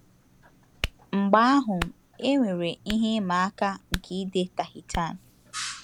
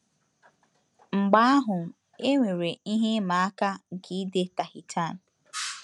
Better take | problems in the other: second | background sound (Hands); 13 dB below the speech

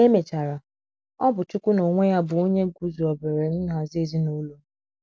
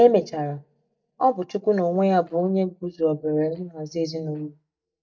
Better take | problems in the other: first | noise reduction (neural mask model DeepFilterNet 3)

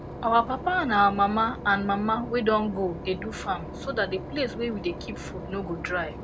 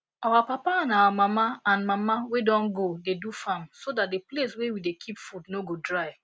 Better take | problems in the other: second | background sound (Engine / Boat, Water vehicle); 10 dB below the speech

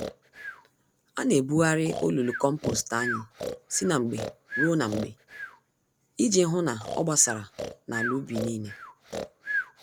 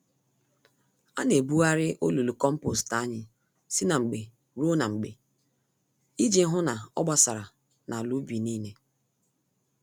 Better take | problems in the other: second | background sound (Breathing); 9 dB below the speech

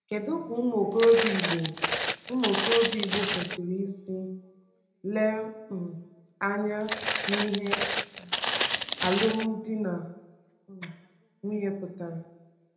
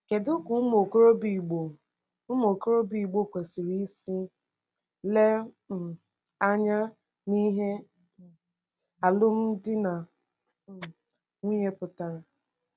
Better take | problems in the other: second | background sound (Walk, footsteps); 1 dB below the speech // room echo; dies away in 0.7 s

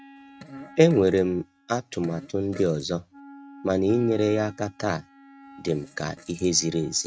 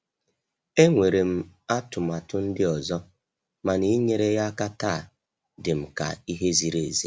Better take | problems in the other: second | noise reduction (neural mask model RNNoise)

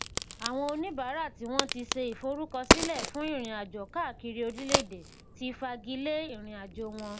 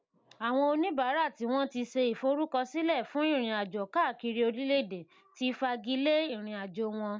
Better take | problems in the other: second | background sound (Crack); 2 dB above the speech

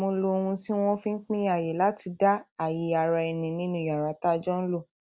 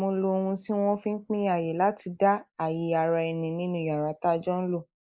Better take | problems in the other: first | noise reduction (neural mask model Resemble Enhance denoiser)

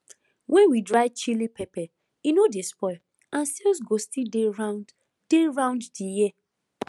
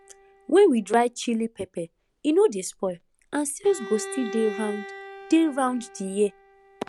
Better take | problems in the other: first | background sound (Bowed string instrument); 17 dB below the speech

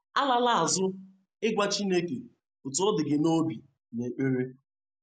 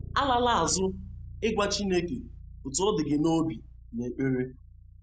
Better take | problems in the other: first | background sound (Bass guitar); 14 dB below the speech

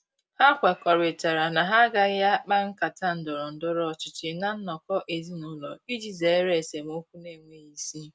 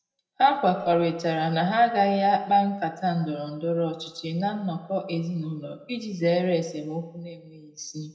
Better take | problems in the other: first | background sound (Dishes, pots, and pans); 20 dB below the speech // room echo; dies away in 0.7 s

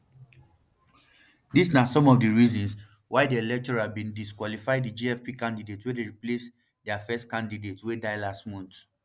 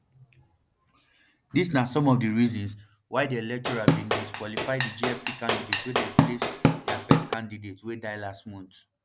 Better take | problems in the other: first | background sound (Drum / Drum kit); 4 dB above the speech

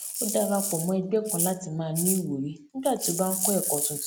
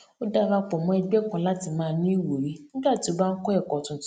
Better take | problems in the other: second | background sound (Rattle (instrument)); 4 dB below the speech

